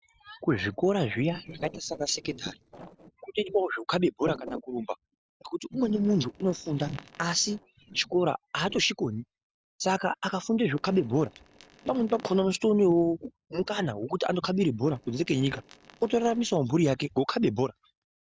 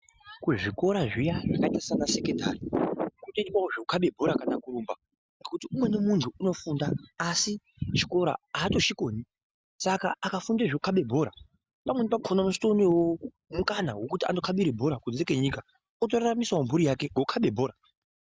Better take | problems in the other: second | noise reduction (neural separator model SepFormer DNS4)

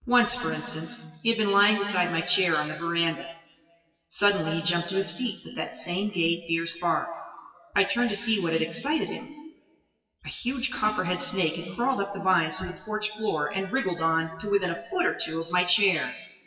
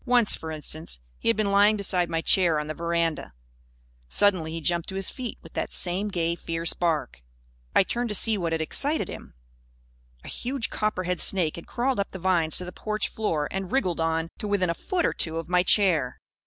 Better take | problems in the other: second | noise reduction (classical method WPE with log-MMSE)

